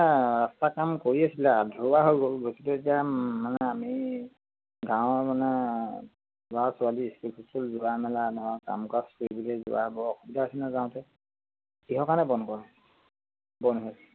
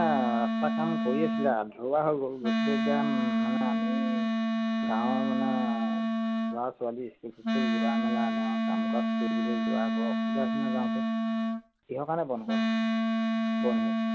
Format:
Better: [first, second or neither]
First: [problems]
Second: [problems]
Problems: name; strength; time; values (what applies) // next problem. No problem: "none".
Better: first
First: none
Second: background sound (Wind instrument, woodwind instrument); 5 dB above the speech